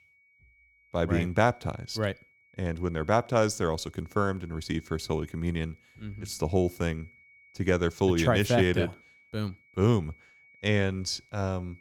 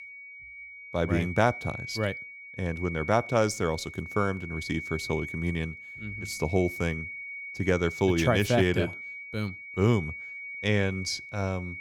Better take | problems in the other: first | high-pitched whine; loud; throughout; 2 kHz, 10 dB below the speech; faint in the first

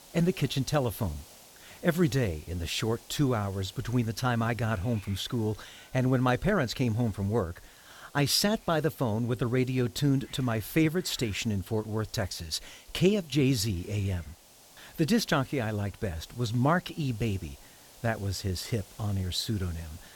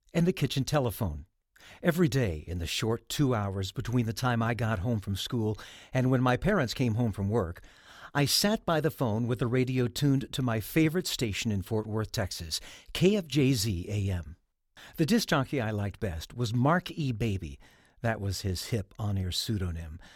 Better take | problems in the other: second | hiss; faint; throughout; 25 dB below the speech

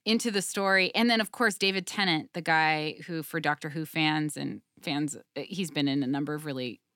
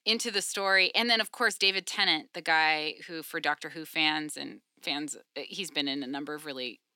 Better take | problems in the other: first | thin; somewhat; fading below 350 Hz

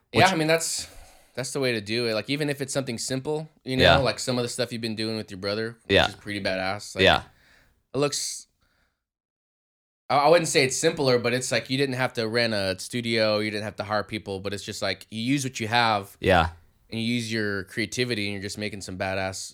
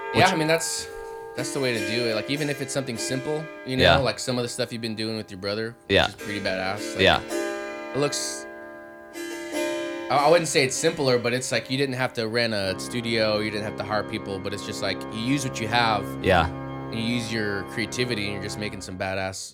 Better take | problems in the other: first | background music; loud; throughout; 10 dB below the speech

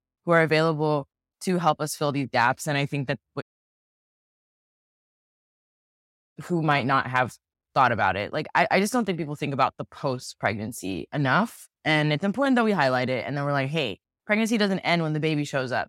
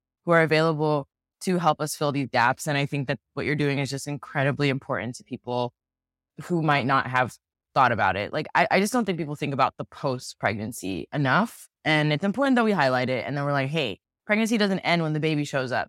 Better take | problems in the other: second | audio cutting out; at 3.5 s for 3 s

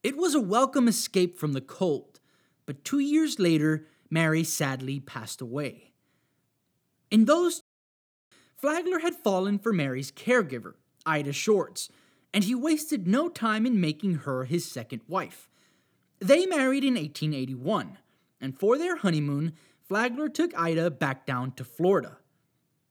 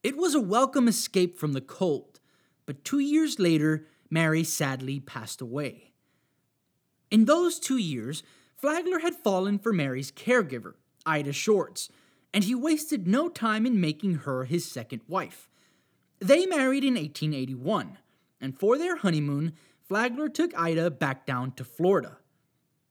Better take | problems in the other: second | audio cutting out; at 7.5 s for 0.5 s

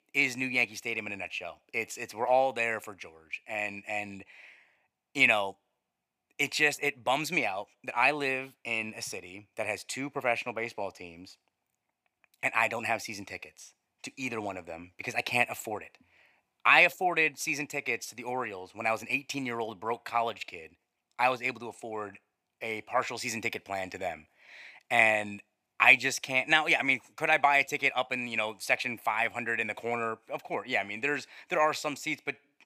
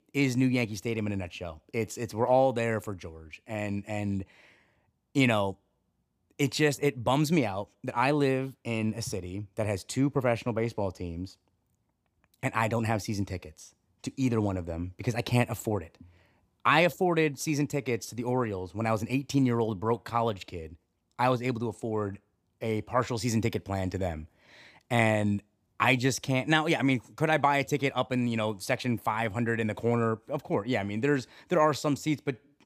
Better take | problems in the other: second | thin; somewhat; fading below 850 Hz

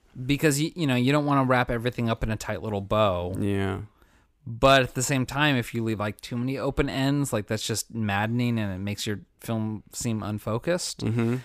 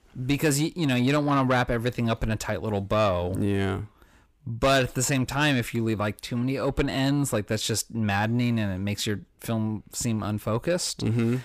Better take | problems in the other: first | distortion; slight; 10 dB below the speech

